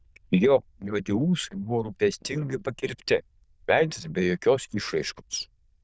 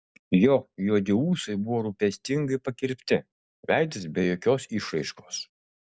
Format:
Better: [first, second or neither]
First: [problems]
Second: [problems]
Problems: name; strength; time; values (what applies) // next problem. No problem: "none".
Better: second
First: noise reduction (neural diffusion model UNIVERSE++)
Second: none